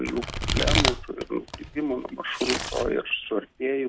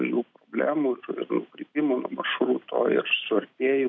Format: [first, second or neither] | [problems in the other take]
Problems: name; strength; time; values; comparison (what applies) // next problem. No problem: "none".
second | background sound (Domestic sounds, home sounds); 1 dB below the speech